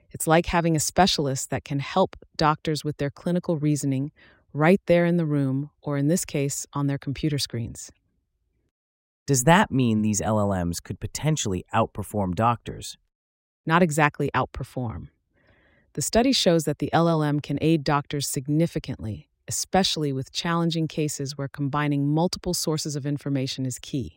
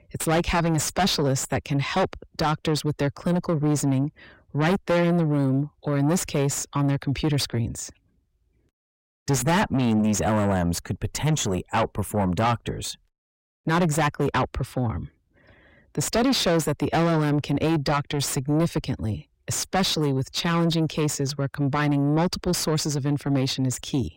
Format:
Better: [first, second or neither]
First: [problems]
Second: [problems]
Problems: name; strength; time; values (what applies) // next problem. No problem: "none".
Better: first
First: none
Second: distortion; heavy; 6 dB below the speech